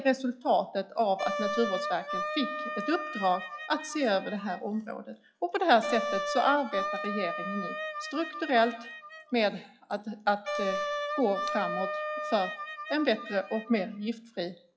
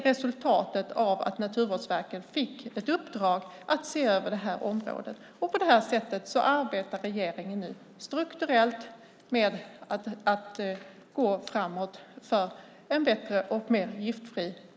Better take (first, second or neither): second